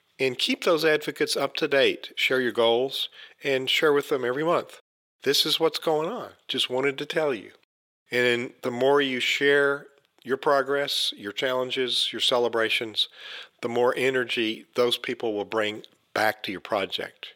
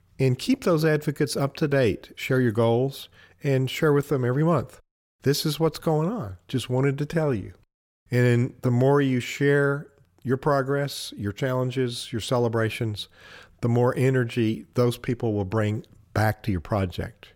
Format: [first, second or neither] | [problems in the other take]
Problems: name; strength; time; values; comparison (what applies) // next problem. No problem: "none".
second | thin; somewhat; fading below 450 Hz